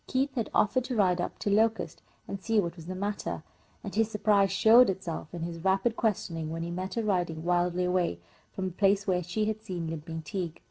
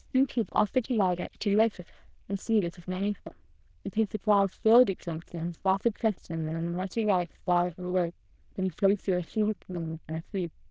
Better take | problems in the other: first | noise reduction (neural diffusion model UNIVERSE++)

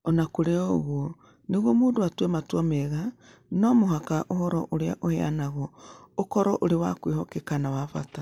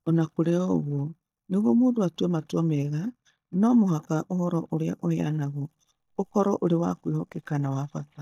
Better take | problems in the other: first | noise reduction (neural mask model DeepFilterNet 3)

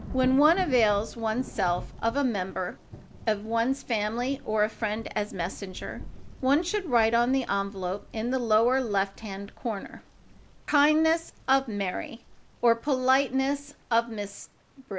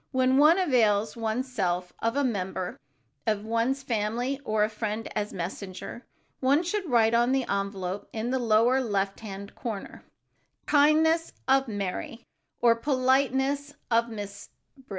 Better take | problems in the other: second | background sound (Thunder / Rain); 17 dB below the speech

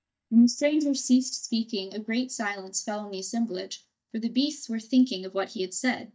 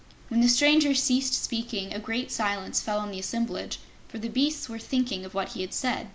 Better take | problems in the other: second | noise reduction (neural mask model DeepFilterNet 3)

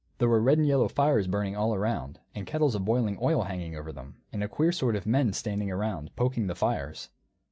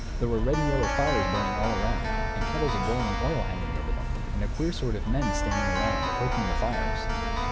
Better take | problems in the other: first | background sound (Keyboard (musical)); 4 dB above the speech

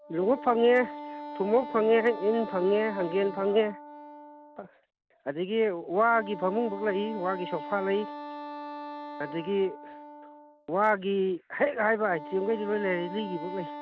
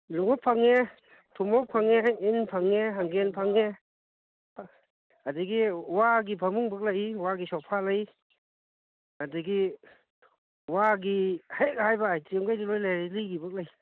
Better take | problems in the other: second | background sound (Wind instrument, woodwind instrument); 13 dB below the speech

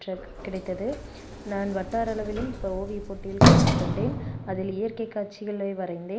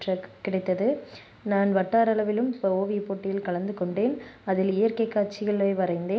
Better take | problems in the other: second | background sound (Sliding door); 5 dB above the speech

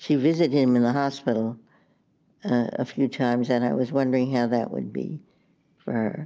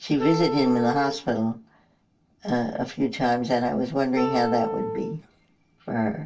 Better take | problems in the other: first | background sound (Wind instrument, woodwind instrument); 5 dB below the speech // room echo; dies away in 0.1 s

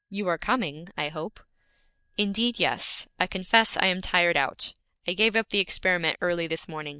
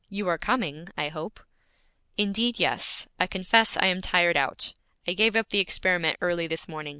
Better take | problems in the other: second | noise reduction (neural mask model DeepFilterNet 3)

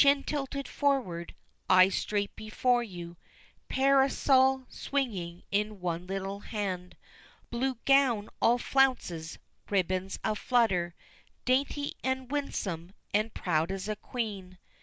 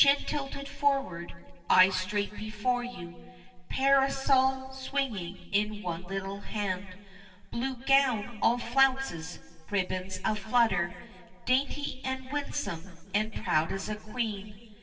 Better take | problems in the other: first | room echo; dies away in 1.9 s

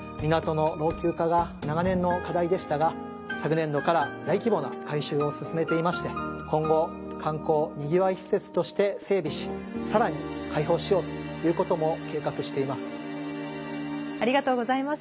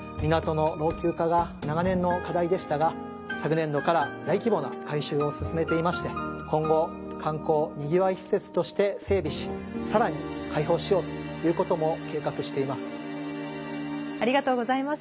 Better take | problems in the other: first | background sound (Bowed string instrument); 19 dB below the speech

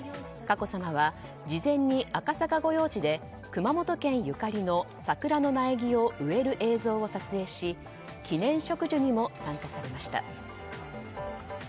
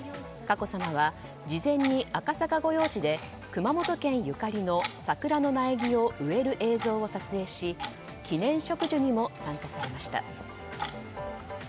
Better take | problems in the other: first | background sound (Clock); 14 dB below the speech

